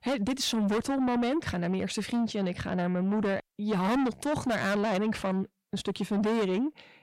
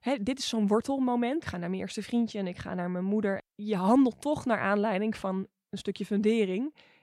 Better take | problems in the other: second | distortion; heavy; 7 dB below the speech

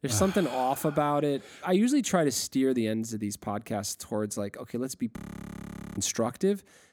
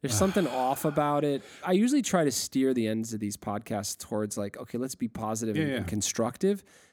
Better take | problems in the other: second | audio freezing; at 5 s for 1 s

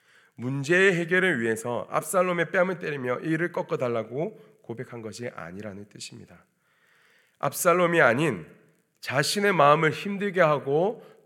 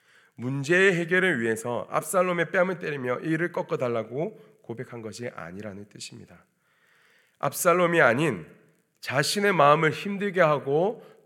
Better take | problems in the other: neither | none

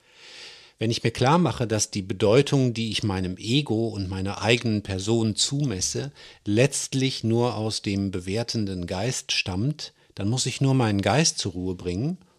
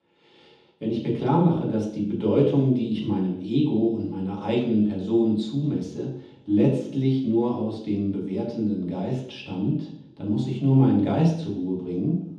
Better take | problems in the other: first | room echo; strong; dies away in 0.9 s // off-mic speech; far

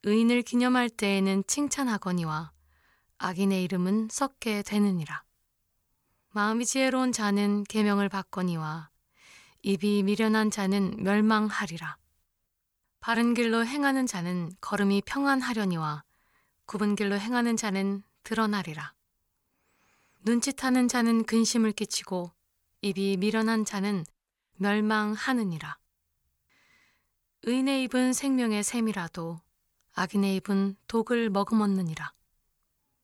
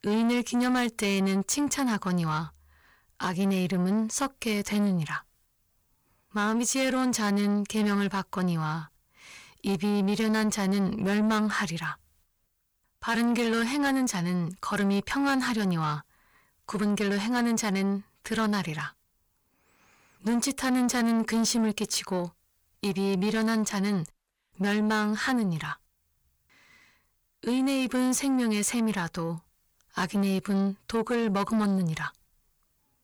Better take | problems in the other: first | distortion; slight; 9 dB below the speech

